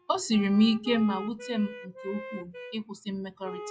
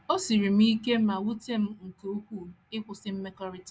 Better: second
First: noise reduction (classical method log-MMSE)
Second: none

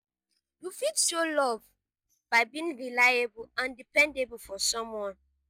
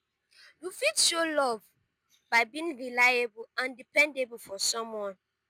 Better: second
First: noise reduction (neural mask model DeepFilterNet 3)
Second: none

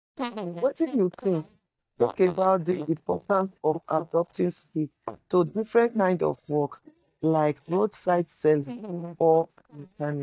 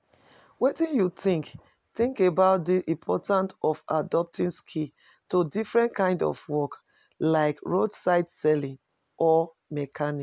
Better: second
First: noise reduction (neural mask model DeepFilterNet 3)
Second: none

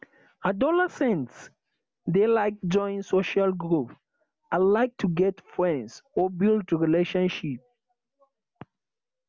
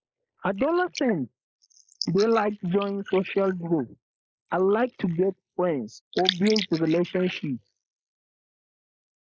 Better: first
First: none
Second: noise reduction (neural mask model Resemble Enhance denoiser)

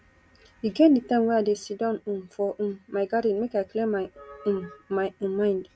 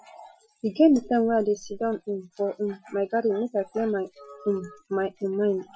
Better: first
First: none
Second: noise reduction (classical method Wiener filter)

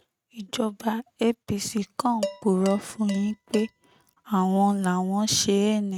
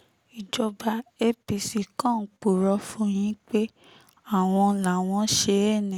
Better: second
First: noise reduction (neural mask model RNNoise)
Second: none

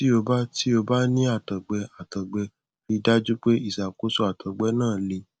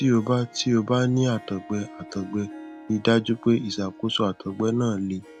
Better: first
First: none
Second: background sound (Harp); 20 dB below the speech

